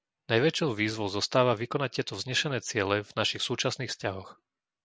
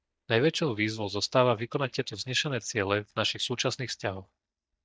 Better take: first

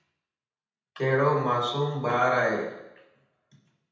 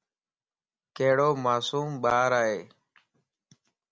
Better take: second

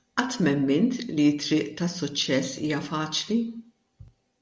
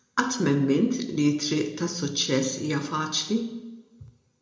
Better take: first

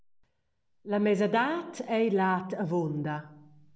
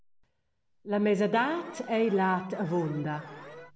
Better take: first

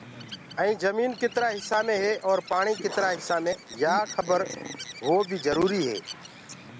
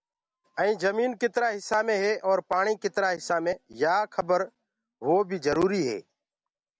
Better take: second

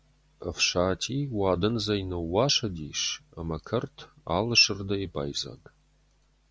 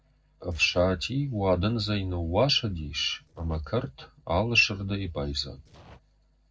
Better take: first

